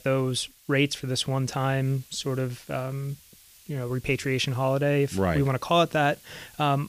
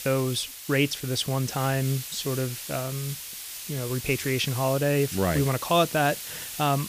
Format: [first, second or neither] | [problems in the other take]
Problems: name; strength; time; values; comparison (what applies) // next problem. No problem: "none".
first | hiss; loud; throughout; 8 dB below the speech; faint in the first